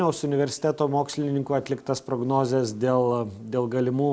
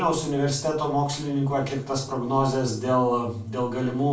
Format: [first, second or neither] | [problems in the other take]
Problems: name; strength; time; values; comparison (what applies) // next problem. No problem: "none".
first | room echo; dies away in 0.3 s